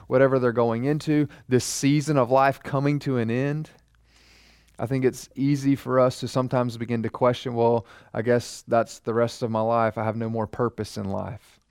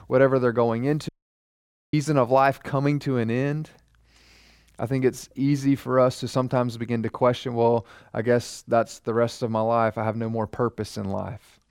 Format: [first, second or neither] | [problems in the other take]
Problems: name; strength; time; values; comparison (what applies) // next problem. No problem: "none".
first | audio cutting out; at 1 s for 1 s